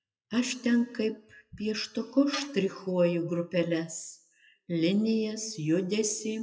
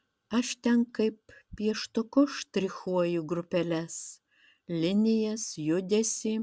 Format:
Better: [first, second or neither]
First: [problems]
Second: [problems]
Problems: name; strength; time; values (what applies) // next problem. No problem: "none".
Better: second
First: noise reduction (classical method WPE with log-MMSE)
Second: none